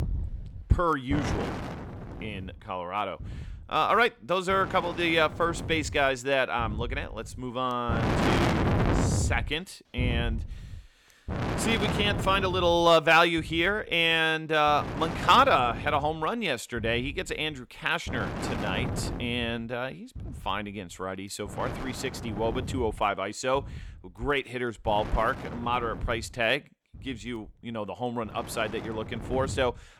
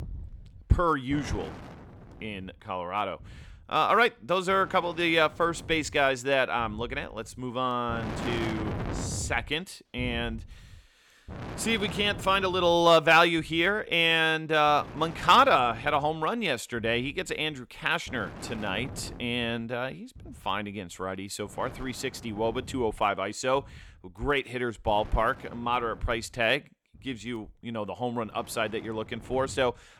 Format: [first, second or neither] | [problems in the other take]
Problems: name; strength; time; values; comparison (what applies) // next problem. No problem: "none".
second | wind noise on the microphone; heavy; 9 dB below the speech; occasional gusts in the second